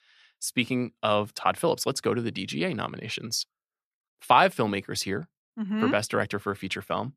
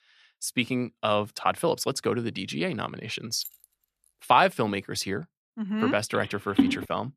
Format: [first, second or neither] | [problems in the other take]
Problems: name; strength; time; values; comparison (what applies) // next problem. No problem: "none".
first | jangling keys; faint; at 3.5 s; peak 15 dB below the speech // phone ringing; loud; at 6.5 s; peak 2 dB above the speech